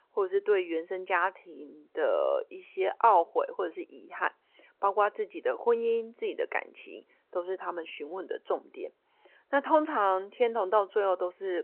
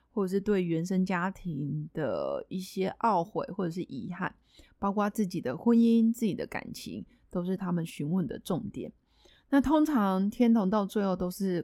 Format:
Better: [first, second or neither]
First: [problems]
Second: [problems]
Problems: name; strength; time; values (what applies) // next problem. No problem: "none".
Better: second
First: phone-call audio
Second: none